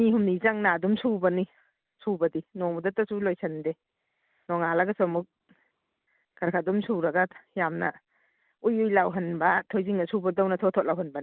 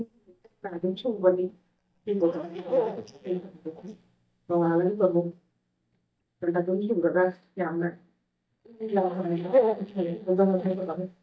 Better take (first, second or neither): first